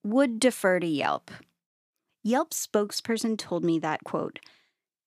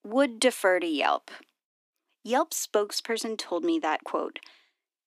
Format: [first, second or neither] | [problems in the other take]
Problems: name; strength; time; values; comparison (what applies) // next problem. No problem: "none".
first | thin; very slightly; fading below 250 Hz